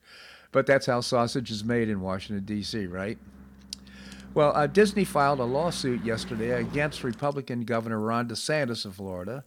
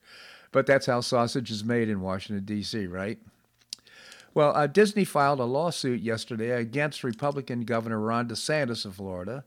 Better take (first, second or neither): second